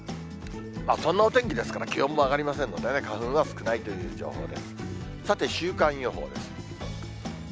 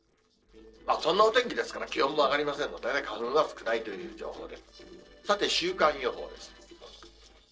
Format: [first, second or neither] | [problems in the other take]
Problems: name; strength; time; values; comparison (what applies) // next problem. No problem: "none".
first | noise reduction (neural separator model SepFormer DNS4)